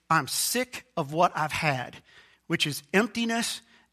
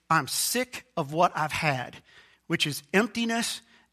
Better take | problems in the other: neither | none

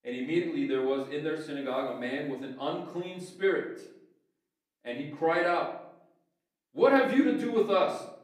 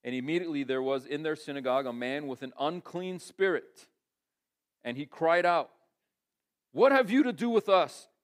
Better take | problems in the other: second | off-mic speech; far // room echo; slight; dies away in 0.6 s

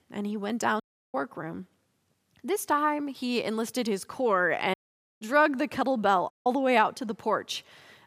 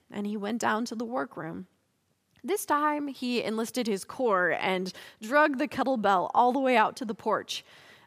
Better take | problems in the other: second | audio cutting out; at 1 s, at 4.5 s and at 6.5 s

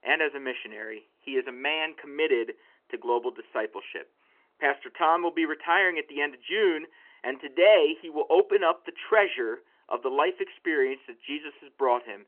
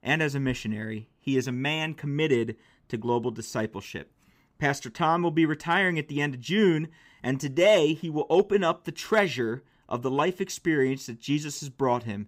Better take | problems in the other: second | phone-call audio; nothing above 3 kHz

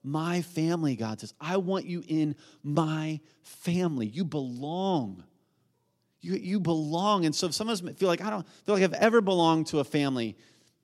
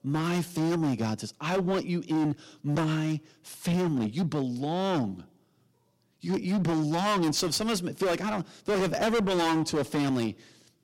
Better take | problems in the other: first | distortion; heavy; 17% of the sound clipped

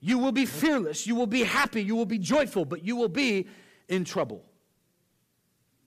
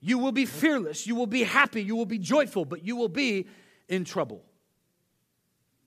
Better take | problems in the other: second | distortion; slight; 10 dB below the speech

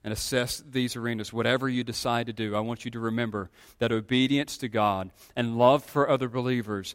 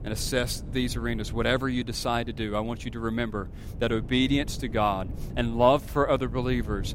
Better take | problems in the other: first | wind noise on the microphone; occasional gusts; 20 dB below the speech

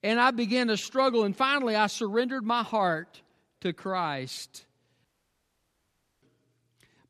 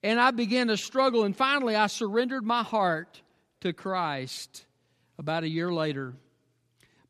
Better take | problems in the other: second | audio cutting out; at 5 s for 1 s

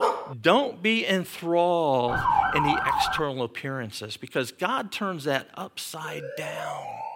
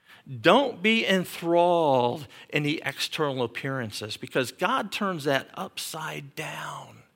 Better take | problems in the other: second | dog barking; loud; at the start; peak level with the speech // siren; loud; from 2 to 3 s; peak 5 dB above the speech // siren; noticeable; from 6 s on; peak 8 dB below the speech

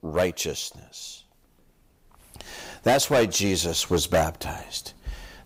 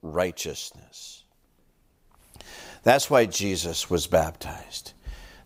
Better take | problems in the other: second | distortion; heavy; 4% of the sound clipped

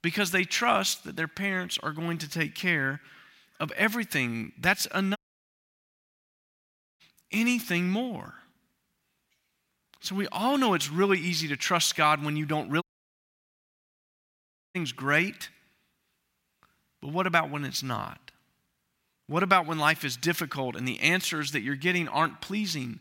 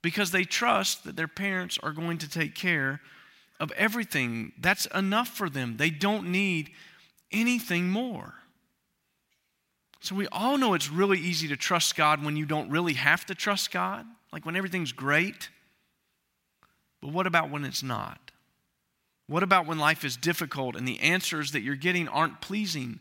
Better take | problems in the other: second | audio cutting out; at 5 s for 2 s and at 13 s for 2 s

